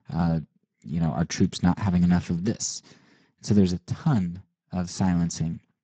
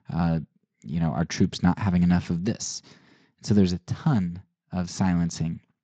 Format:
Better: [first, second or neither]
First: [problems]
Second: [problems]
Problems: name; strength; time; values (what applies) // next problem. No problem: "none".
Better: second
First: garbled, watery; badly; nothing above 7.5 kHz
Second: garbled, watery; slightly; nothing above 7.5 kHz